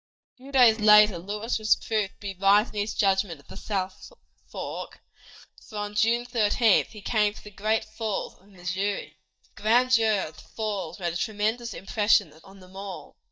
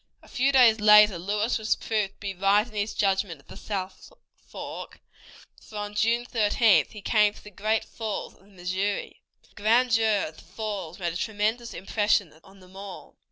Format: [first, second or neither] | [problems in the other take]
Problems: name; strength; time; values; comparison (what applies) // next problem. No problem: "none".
second | noise reduction (neural mask model DeepFilterNet 3)